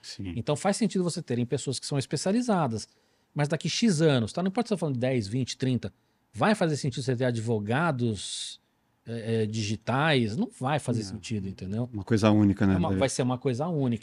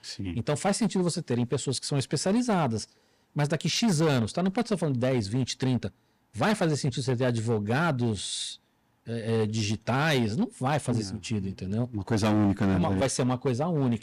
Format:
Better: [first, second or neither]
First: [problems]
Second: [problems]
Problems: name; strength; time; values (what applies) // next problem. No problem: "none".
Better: first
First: none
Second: distortion; slight; 9% of the sound clipped